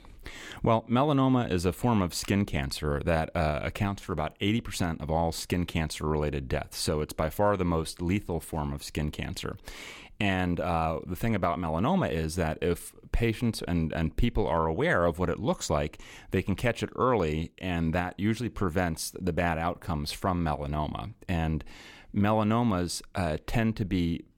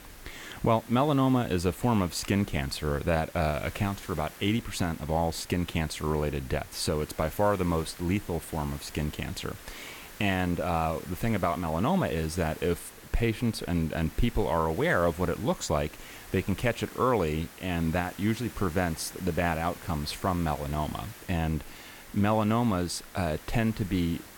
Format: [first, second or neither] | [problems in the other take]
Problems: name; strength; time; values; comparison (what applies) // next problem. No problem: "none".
first | hiss; noticeable; throughout; 15 dB below the speech